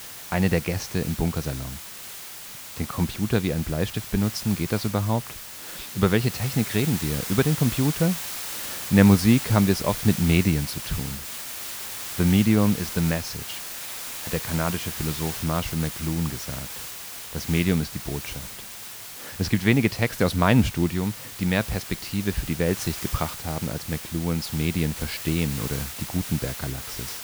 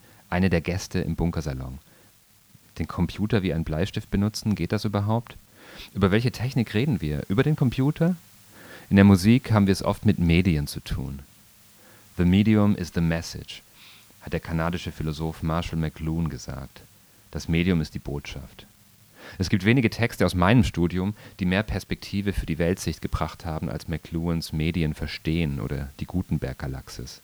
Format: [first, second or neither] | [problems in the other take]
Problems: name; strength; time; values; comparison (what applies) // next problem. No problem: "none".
second | hiss; loud; throughout; 8 dB below the speech; faint in the second